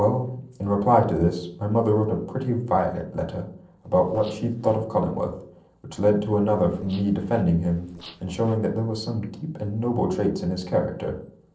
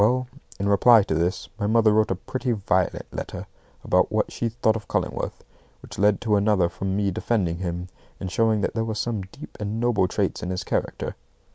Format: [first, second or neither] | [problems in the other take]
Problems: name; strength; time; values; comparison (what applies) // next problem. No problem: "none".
second | noise reduction (neural separator model SepFormer DNS4)